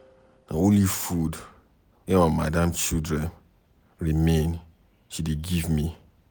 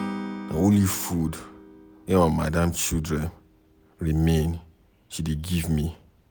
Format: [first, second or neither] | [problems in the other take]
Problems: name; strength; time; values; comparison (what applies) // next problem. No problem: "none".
first | background sound (Acoustic guitar / Strum); 15 dB below the speech